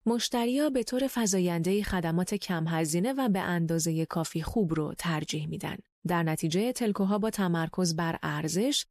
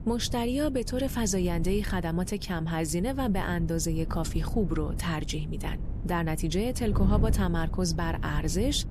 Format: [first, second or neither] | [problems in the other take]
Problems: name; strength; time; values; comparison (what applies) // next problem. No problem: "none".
first | wind noise on the microphone; occasional gusts; 15 dB below the speech